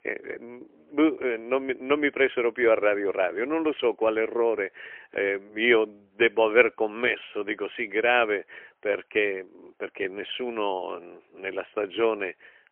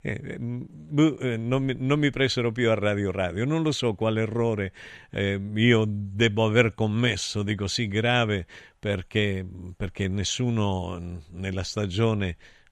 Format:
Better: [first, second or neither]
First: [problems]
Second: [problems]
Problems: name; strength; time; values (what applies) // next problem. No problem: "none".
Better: second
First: phone-call audio; poor line; nothing above 3 kHz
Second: none